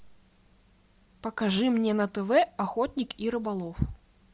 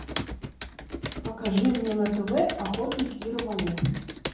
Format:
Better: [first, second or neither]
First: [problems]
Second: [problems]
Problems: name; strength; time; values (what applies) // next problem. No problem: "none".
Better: first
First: none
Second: background sound (Computer keyboard); 8 dB below the speech // room echo; dies away in 0.7 s